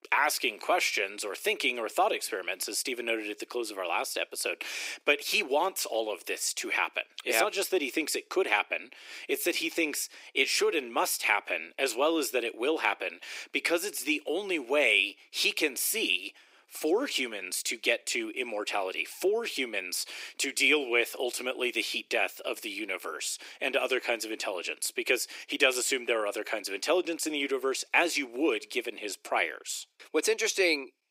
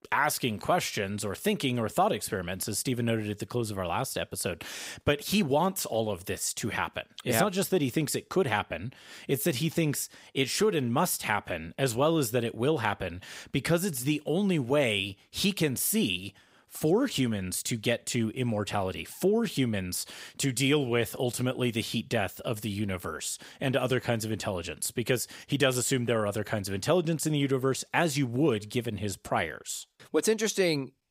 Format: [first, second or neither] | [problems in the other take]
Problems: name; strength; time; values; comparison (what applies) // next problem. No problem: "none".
second | thin; somewhat; fading below 300 Hz